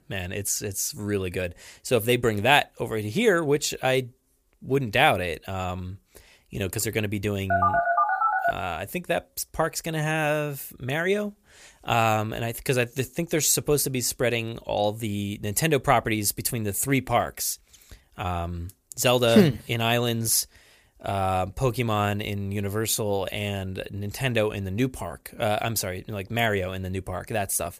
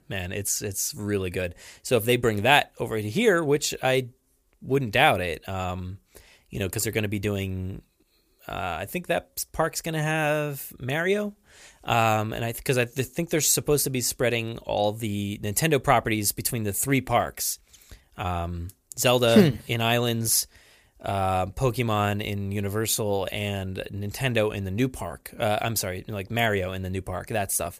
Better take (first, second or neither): second